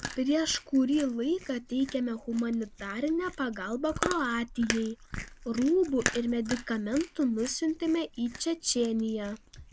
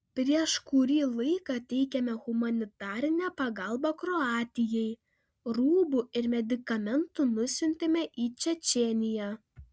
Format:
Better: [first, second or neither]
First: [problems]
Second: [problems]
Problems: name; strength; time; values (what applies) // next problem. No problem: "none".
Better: second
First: background sound (Chewing, mastication); 11 dB below the speech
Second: none